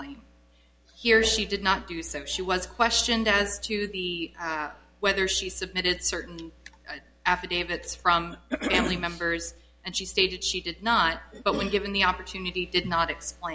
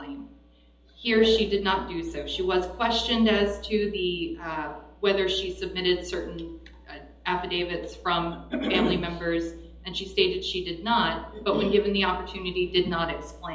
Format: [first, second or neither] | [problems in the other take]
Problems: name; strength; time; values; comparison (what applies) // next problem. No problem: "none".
first | room echo; dies away in 1.2 s